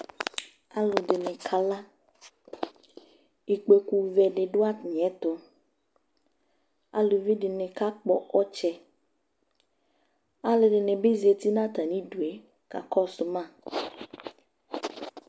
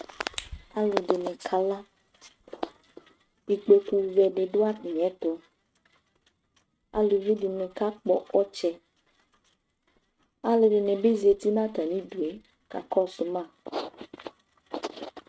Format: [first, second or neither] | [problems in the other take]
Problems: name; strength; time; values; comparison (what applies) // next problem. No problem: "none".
first | noise reduction (neural mask model RNNoise)